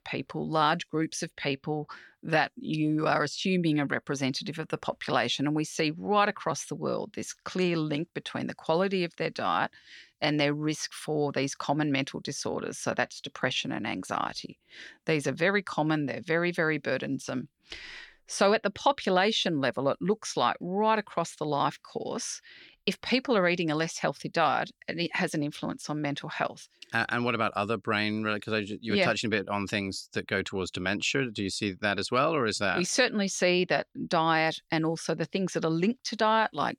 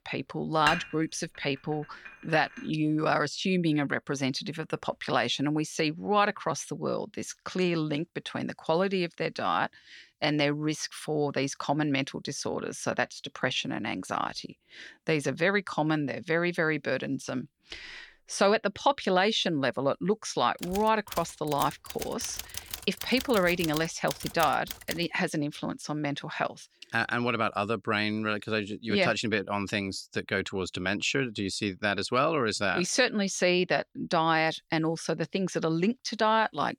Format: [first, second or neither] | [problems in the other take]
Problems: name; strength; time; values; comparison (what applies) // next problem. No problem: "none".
first | clattering dishes; noticeable; from 0.5 to 2 s; peak 1 dB below the speech // keyboard typing; noticeable; from 21 to 25 s; peak 8 dB below the speech